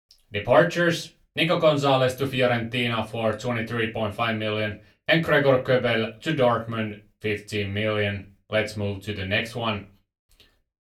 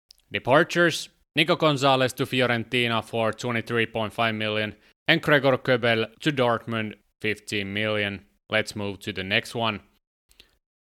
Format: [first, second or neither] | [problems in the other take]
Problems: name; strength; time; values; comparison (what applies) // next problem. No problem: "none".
second | off-mic speech; far // room echo; very slight; dies away in 0.2 s